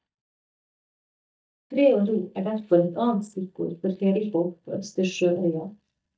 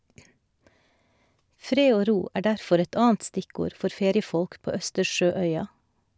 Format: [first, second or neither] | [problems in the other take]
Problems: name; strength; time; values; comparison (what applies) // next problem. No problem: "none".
second | noise reduction (neural mask model DeepFilterNet 3)